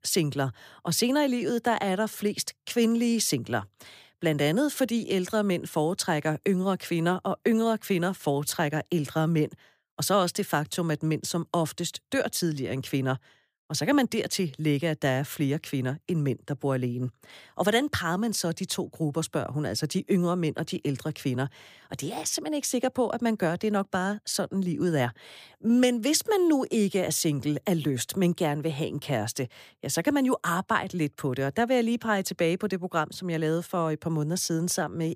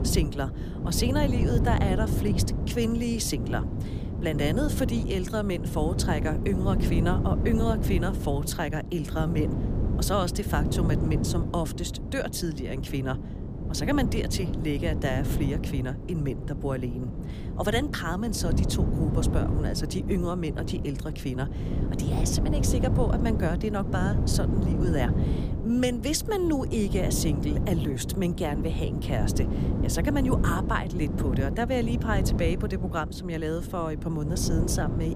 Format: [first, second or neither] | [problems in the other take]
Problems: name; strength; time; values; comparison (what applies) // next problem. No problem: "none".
first | wind noise on the microphone; heavy; 6 dB below the speech